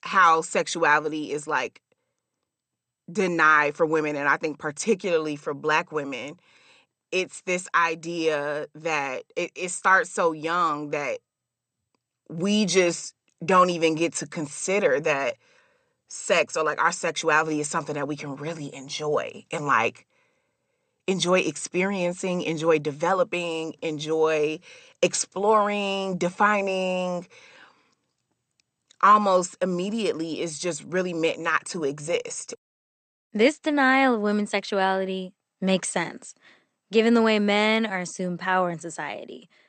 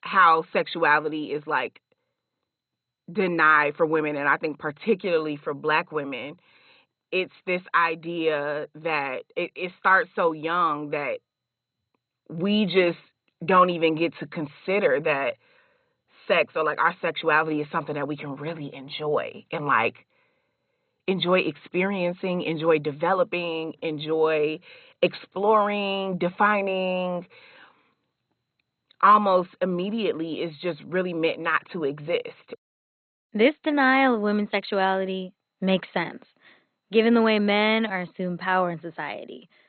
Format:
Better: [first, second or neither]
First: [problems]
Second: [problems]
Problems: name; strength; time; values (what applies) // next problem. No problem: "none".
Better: first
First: garbled, watery; slightly; nothing above 8.5 kHz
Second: garbled, watery; badly; nothing above 4 kHz